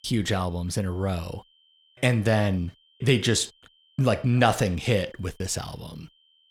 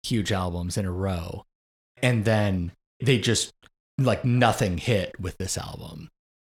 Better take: second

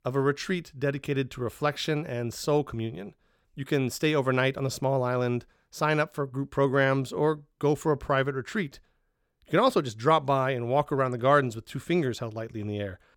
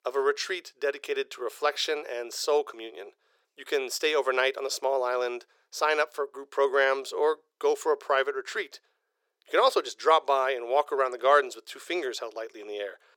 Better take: first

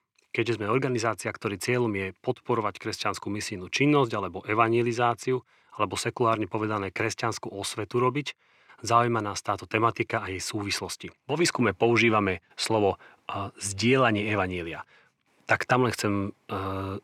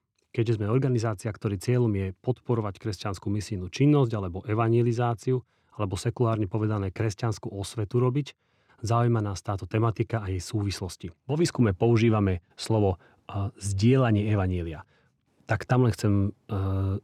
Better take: second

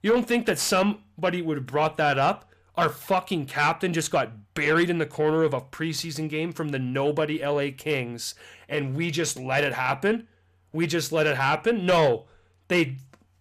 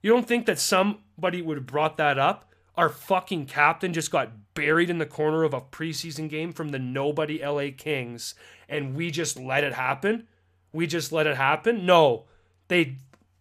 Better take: second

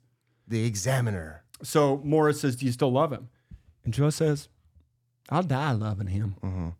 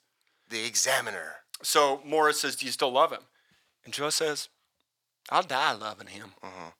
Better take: first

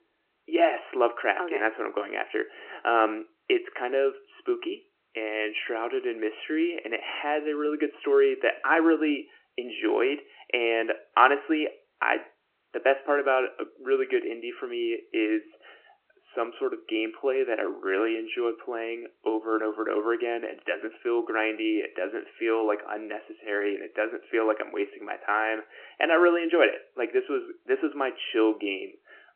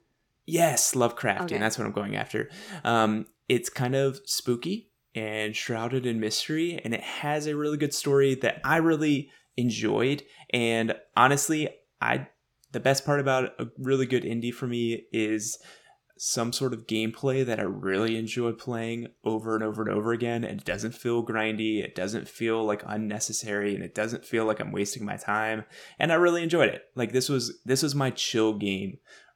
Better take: second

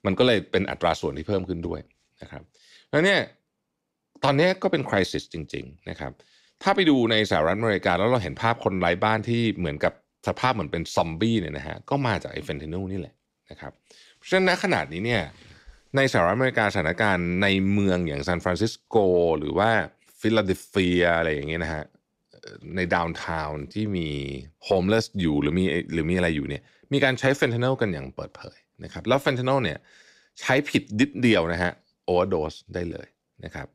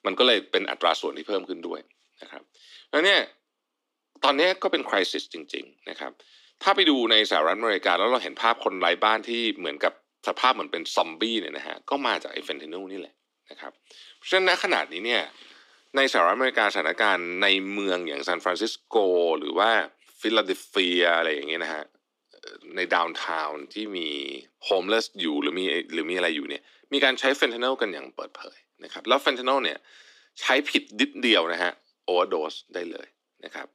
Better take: first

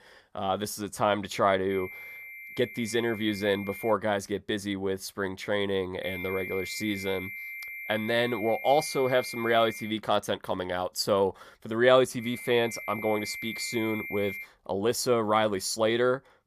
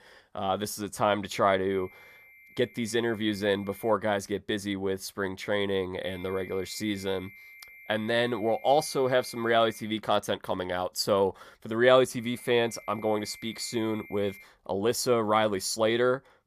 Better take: second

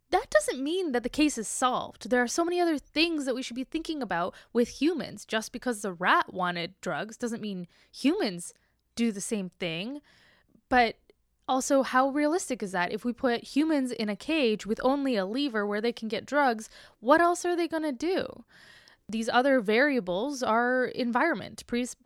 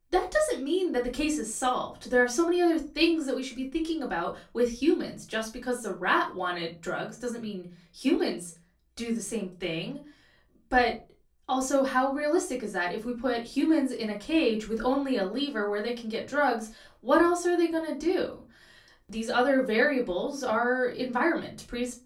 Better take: first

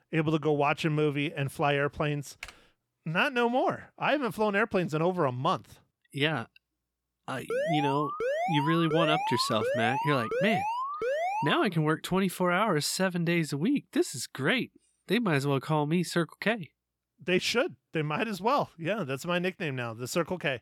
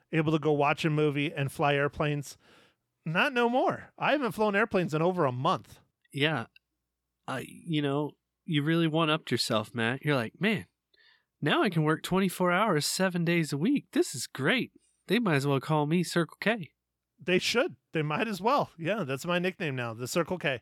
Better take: second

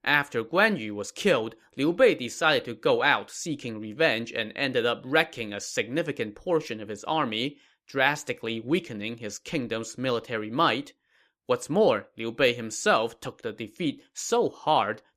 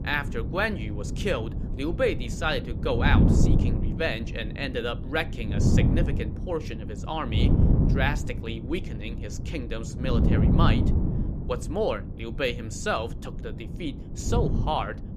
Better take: first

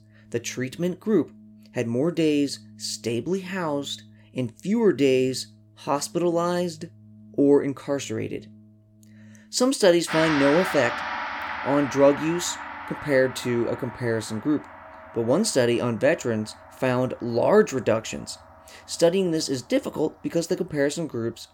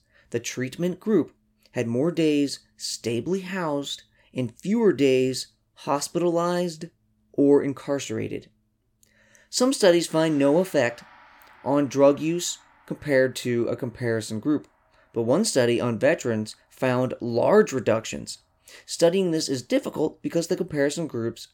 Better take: second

